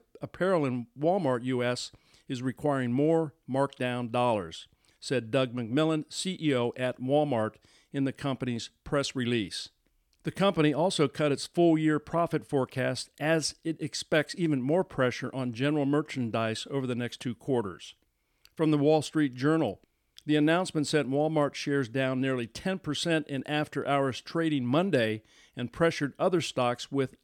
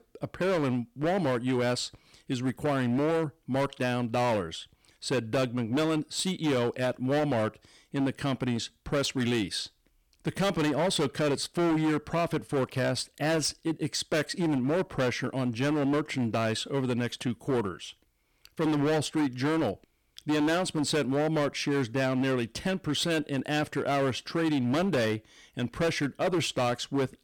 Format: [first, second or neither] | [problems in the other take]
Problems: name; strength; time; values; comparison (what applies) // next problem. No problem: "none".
first | distortion; heavy; 16% of the sound clipped